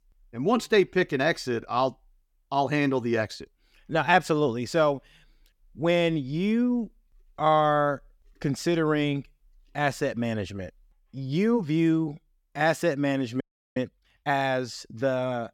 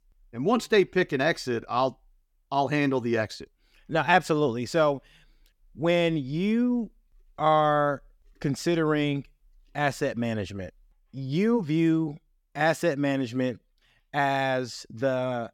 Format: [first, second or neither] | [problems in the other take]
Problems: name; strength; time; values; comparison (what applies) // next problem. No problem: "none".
second | audio freezing; at 13 s